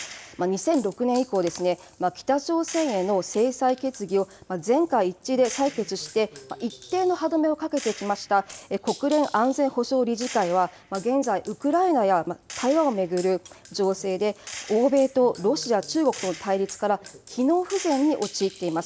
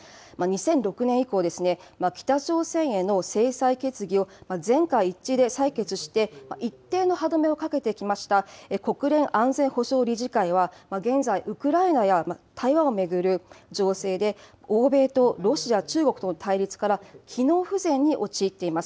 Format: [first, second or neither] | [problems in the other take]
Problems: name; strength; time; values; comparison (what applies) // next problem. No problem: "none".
second | background sound (Gunshot, gunfire); 19 dB below the speech